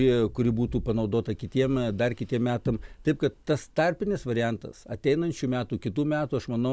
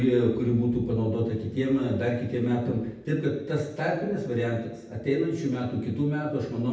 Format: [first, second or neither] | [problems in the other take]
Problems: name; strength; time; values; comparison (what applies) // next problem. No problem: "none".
first | room echo; dies away in 0.8 s